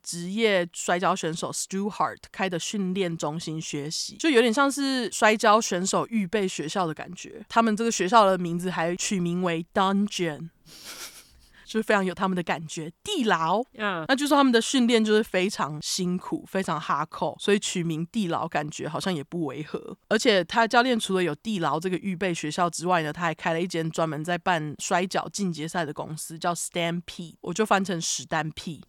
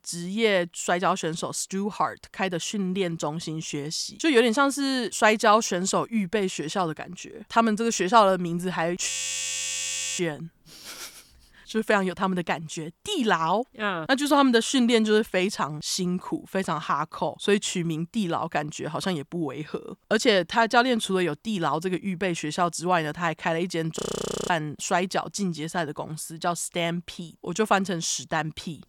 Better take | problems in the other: first | audio freezing; at 9 s for 1 s and at 24 s for 0.5 s

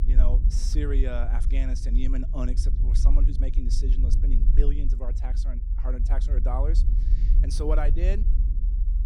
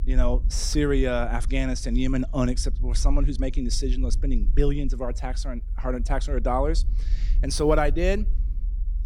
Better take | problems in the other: second | low rumble; loud; throughout; 9 dB below the speech; faint in the second

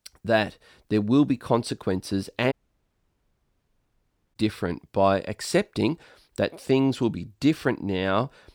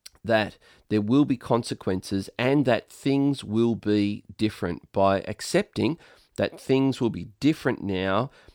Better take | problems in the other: second | audio cutting out; at 2.5 s for 2 s

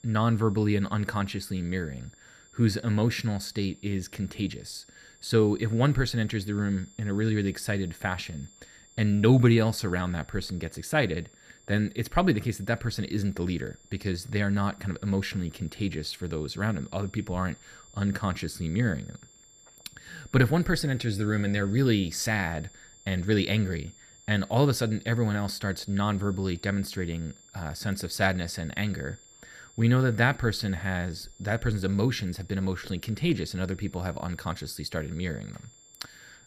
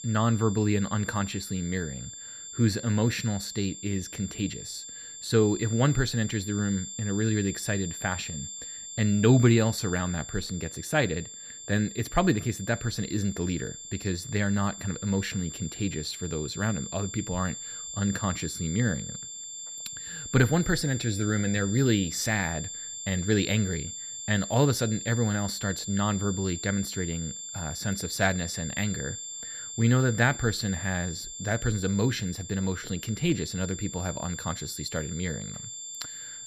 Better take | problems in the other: first | high-pitched whine; loud; throughout; 7.5 kHz, 9 dB below the speech; faint in the first

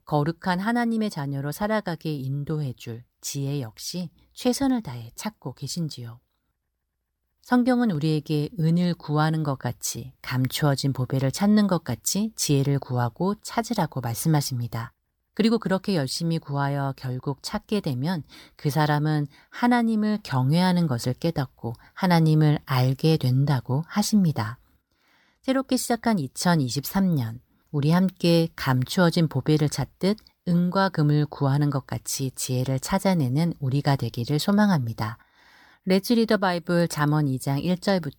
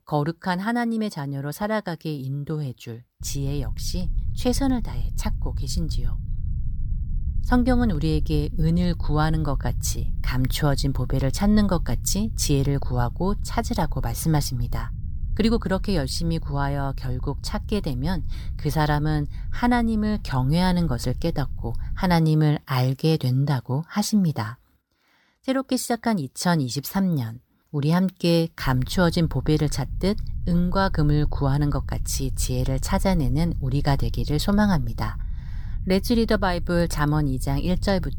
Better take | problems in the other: first | low rumble; faint; from 3 to 22 s and from 29 s on; 20 dB below the speech

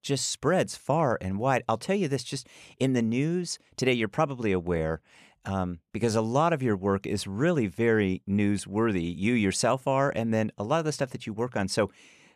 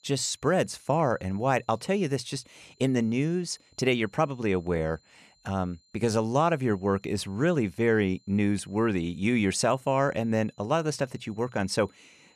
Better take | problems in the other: first | high-pitched whine; faint; throughout; 4 kHz, 35 dB below the speech

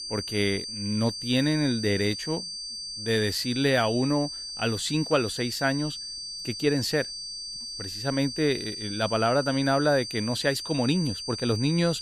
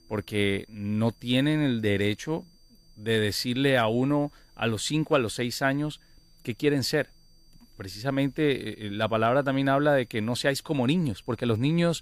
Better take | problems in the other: second | high-pitched whine; loud; throughout; 4.5 kHz, 7 dB below the speech; faint in the second

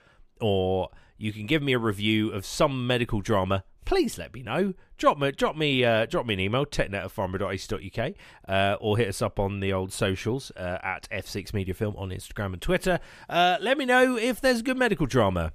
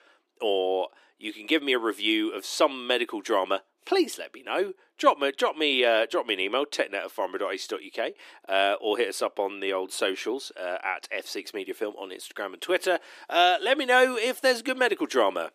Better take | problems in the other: first | thin; somewhat; fading below 300 Hz

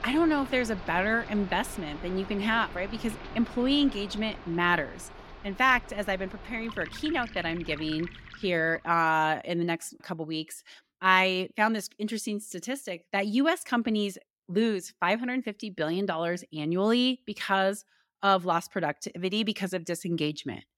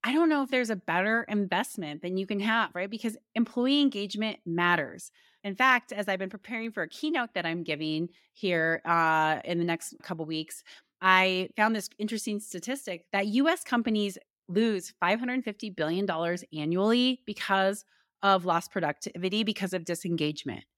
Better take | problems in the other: second | rain or running water; noticeable; until 8.5 s; 15 dB below the speech

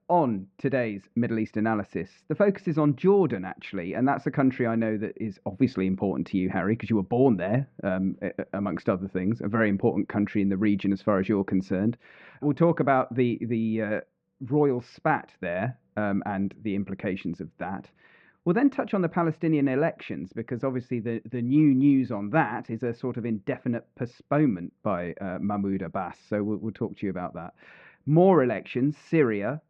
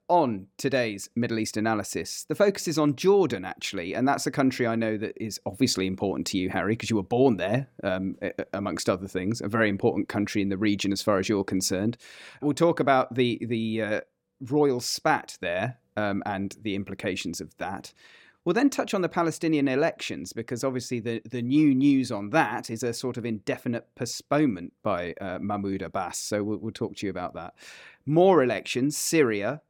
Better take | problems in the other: second | muffled; very; fading above 2.5 kHz

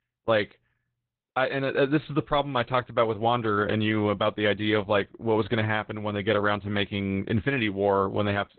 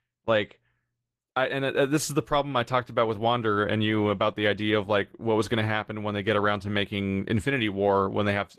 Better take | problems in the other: second | garbled, watery; badly; nothing above 3.5 kHz; slightly in the second

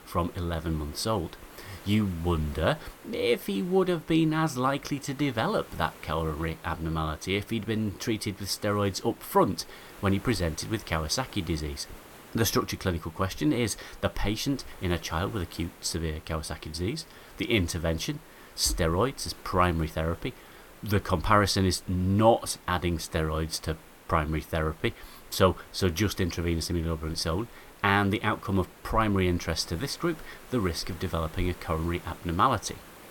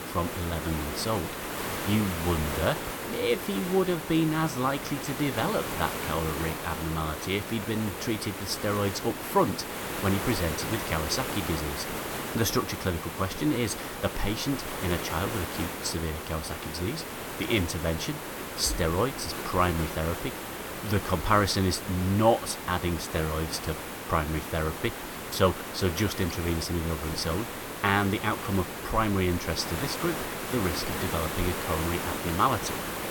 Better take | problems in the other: first | hiss; loud; throughout; 5 dB below the speech; faint in the first

